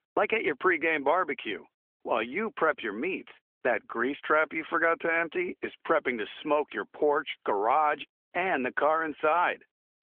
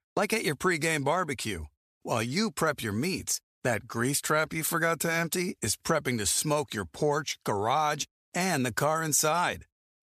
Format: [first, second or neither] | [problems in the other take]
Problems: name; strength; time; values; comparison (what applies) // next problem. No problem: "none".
second | phone-call audio; nothing above 3.5 kHz